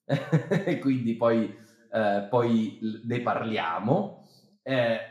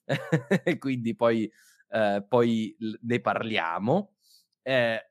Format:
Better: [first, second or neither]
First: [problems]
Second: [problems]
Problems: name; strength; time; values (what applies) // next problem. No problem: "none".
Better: second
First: room echo; slight; dies away in 0.5 s // off-mic speech; somewhat distant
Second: none